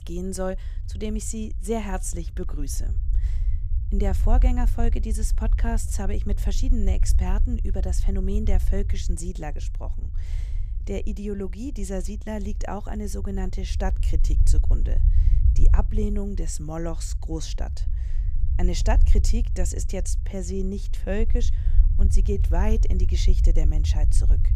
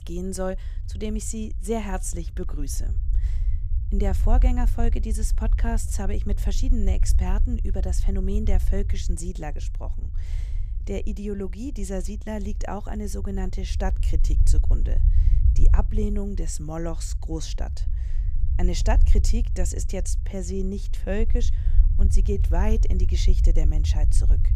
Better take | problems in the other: neither | low rumble; noticeable; throughout; 10 dB below the speech; the same in both

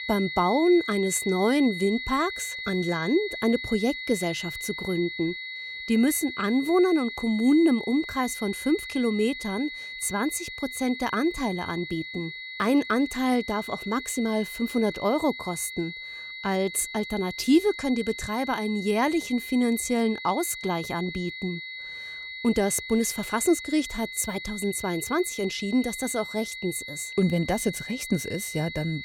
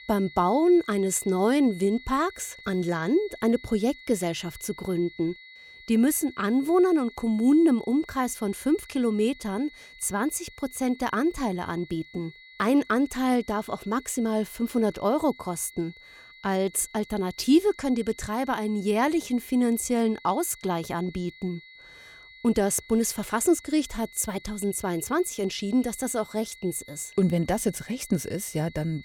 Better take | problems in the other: second | high-pitched whine; loud; throughout; 2 kHz, 9 dB below the speech; faint in the second

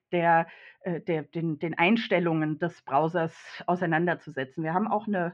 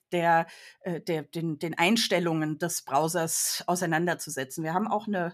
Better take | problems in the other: second | muffled; very; fading above 2.5 kHz

